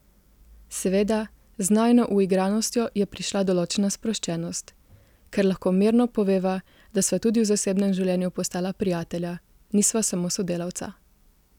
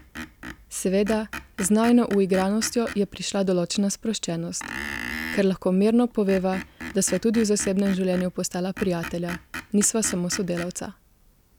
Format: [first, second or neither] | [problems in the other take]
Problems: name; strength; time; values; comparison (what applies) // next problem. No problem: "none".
first | background sound (Screech); 14 dB below the speech